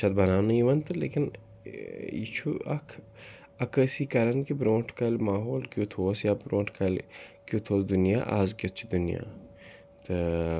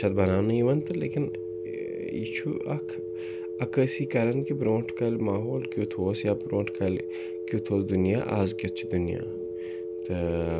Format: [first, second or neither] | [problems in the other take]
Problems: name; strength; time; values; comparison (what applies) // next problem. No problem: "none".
first | background sound (Telephone); 6 dB below the speech